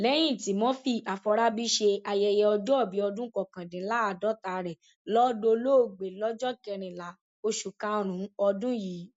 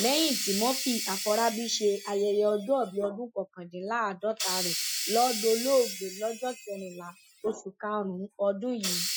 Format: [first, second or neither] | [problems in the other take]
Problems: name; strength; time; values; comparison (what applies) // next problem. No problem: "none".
first | noise reduction (classical method Wiener filter)